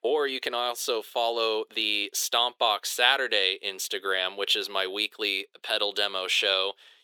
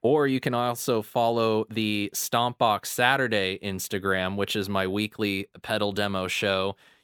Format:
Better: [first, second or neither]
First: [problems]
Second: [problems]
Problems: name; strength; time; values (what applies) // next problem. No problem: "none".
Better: second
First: thin; very; fading below 400 Hz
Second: none